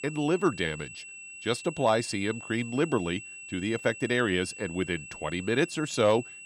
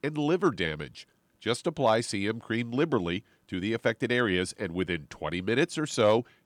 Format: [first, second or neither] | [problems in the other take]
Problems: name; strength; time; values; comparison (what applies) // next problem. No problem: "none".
second | high-pitched whine; noticeable; throughout; 2.5 kHz, 15 dB below the speech